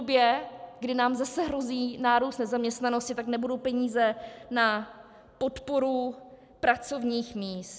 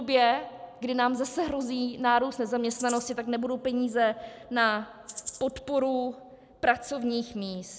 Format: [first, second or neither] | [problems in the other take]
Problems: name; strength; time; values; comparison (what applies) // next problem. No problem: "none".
first | background sound (Rattle (instrument)); 12 dB below the speech